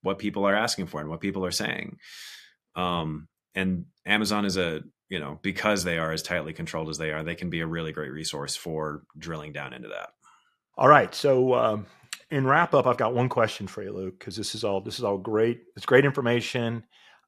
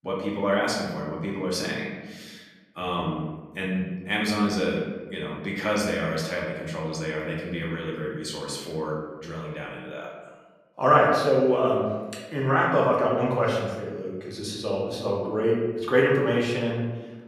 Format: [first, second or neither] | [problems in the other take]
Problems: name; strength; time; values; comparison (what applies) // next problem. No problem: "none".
first | room echo; noticeable; dies away in 1.1 s // off-mic speech; far